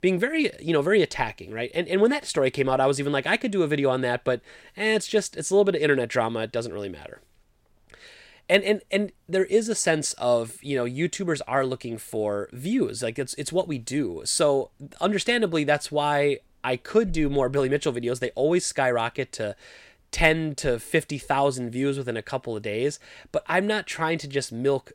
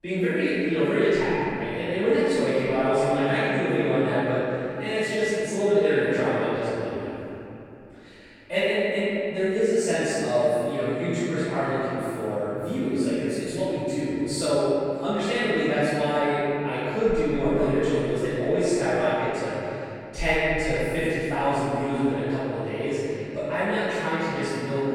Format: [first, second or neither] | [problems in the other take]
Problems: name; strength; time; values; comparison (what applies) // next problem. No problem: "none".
first | off-mic speech; far // room echo; strong; dies away in 3 s